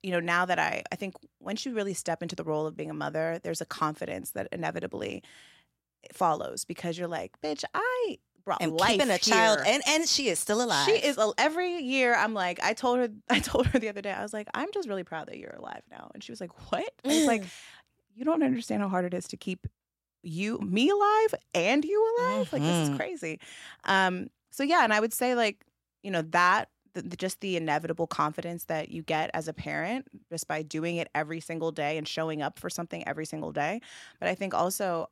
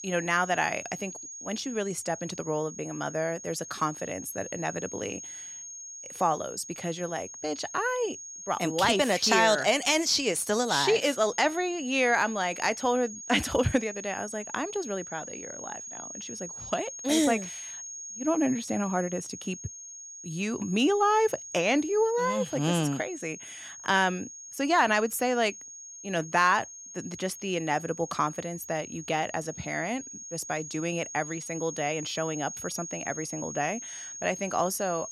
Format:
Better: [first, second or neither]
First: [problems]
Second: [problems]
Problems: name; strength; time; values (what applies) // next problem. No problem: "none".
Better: first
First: none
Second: high-pitched whine; noticeable; throughout; 6.5 kHz, 10 dB below the speech